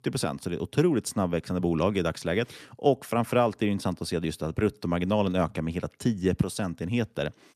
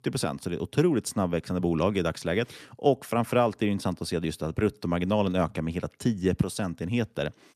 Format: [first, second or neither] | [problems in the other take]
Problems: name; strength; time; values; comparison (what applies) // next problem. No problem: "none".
neither | none